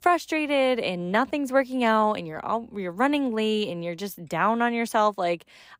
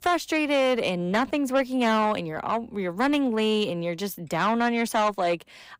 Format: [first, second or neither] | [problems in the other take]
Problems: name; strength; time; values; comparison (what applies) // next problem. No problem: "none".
first | distortion; slight; 10 dB below the speech